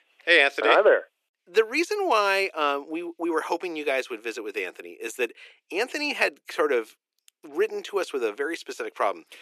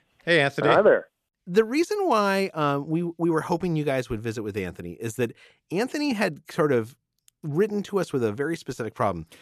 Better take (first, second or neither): second